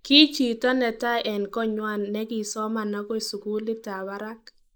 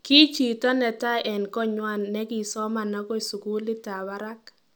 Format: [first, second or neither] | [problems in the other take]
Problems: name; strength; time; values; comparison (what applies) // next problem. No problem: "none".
second | noise reduction (neural mask model Resemble Enhance denoiser)